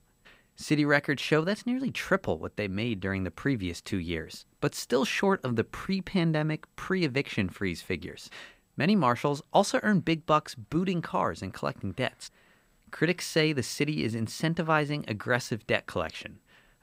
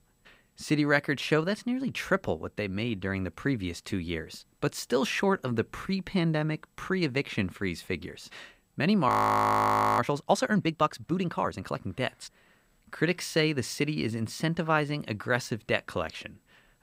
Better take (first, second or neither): first